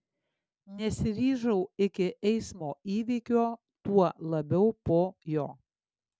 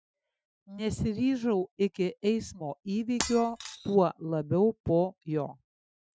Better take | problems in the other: first | noise reduction (classical method Wiener filter)

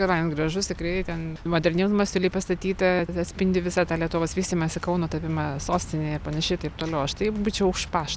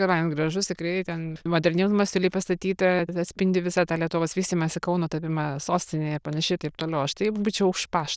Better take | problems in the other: first | noise reduction (neural diffusion model UNIVERSE++)

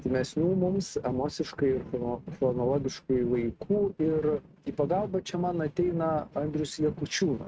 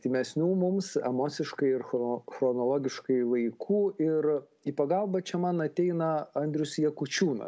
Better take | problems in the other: second | noise reduction (neural mask model RNNoise)

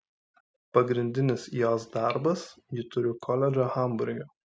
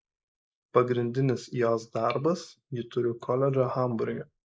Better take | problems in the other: first | noise reduction (neural mask model Resemble Enhance denoiser)

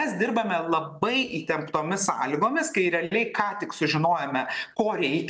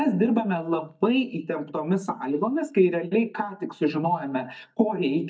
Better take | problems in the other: first | noise reduction (neural mask model DeepFilterNet 3)

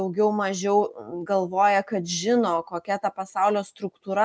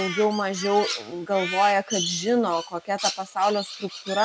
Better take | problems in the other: first | background sound (Crow); 9 dB below the speech

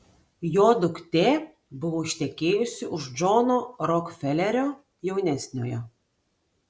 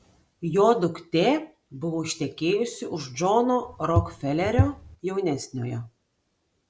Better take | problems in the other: first | background sound (Walk, footsteps / Bird vocalization, bird call, bird song); 3 dB below the speech

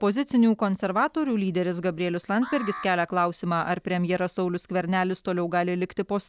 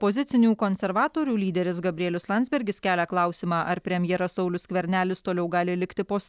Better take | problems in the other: second | background sound (Alarm); 16 dB below the speech

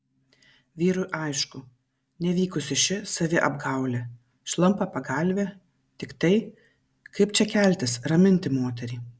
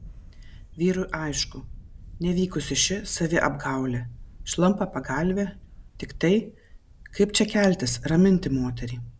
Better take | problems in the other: first | background sound (Camera); 16 dB below the speech

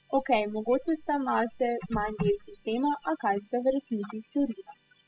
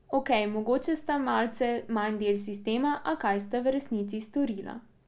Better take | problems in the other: second | noise reduction (classical method spectral subtraction)

